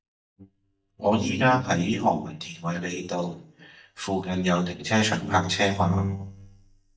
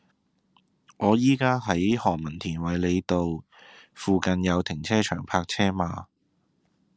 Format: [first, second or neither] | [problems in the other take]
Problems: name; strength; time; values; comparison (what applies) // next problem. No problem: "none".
second | noise reduction (neural mask model DeepFilterNet 3)